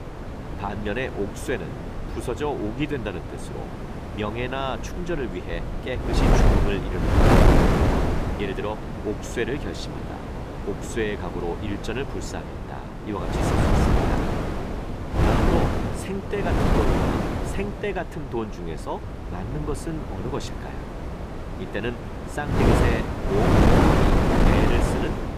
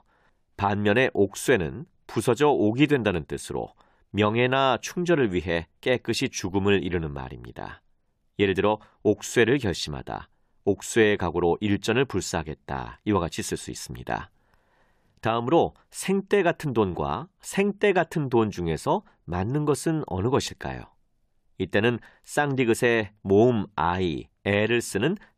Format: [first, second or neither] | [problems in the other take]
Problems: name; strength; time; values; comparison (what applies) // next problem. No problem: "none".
second | wind noise on the microphone; heavy; 4 dB above the speech